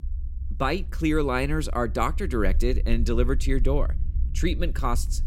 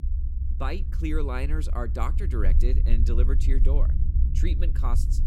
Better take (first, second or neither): first